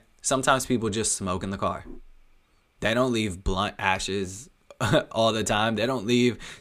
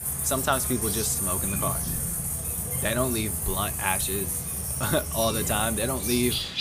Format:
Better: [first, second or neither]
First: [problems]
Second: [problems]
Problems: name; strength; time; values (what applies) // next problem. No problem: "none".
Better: first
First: none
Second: animal sounds; very loud; throughout; 2 dB above the speech